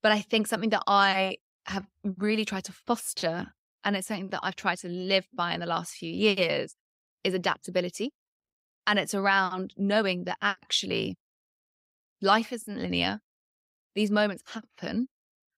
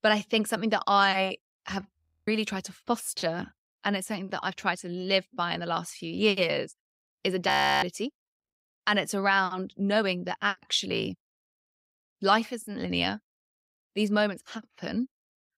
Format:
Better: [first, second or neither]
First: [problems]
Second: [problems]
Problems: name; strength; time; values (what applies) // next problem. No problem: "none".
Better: first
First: none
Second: audio freezing; at 2 s and at 7.5 s